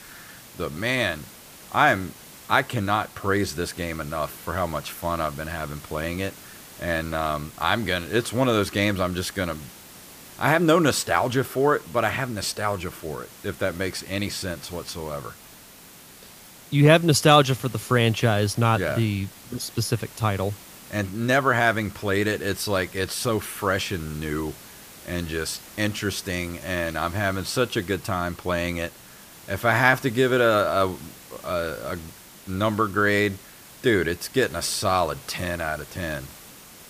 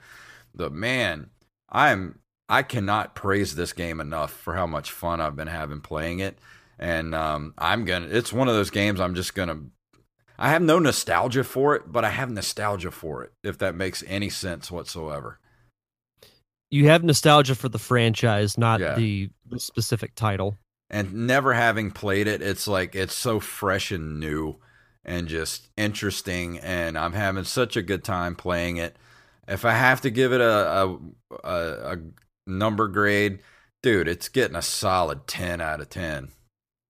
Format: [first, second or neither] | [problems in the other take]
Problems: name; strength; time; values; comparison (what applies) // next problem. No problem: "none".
second | hiss; noticeable; throughout; 20 dB below the speech